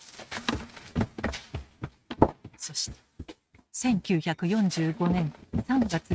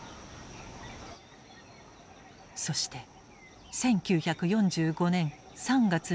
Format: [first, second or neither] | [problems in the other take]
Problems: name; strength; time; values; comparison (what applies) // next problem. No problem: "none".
second | noise reduction (neural mask model RNNoise)